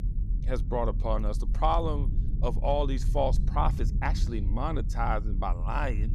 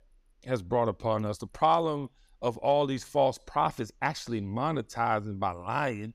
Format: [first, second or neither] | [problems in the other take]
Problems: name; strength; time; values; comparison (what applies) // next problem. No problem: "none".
second | low rumble; noticeable; throughout; 15 dB below the speech